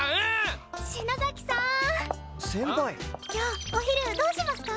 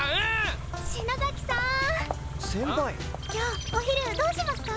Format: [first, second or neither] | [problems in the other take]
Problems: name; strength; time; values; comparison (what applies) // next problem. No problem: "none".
first | background sound (Idling / Car); 7 dB below the speech